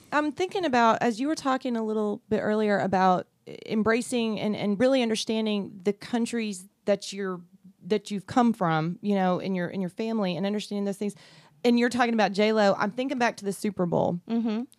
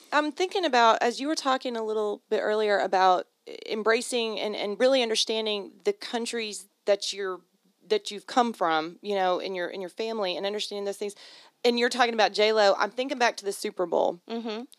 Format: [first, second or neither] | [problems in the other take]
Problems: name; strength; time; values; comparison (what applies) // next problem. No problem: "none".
first | thin; somewhat; fading below 300 Hz